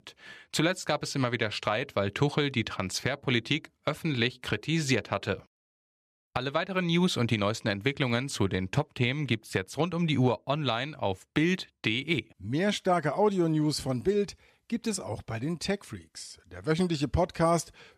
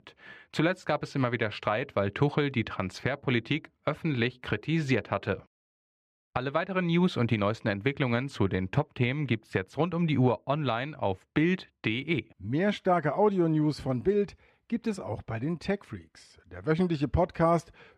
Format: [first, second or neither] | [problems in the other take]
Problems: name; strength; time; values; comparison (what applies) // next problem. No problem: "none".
first | muffled; slightly; fading above 4 kHz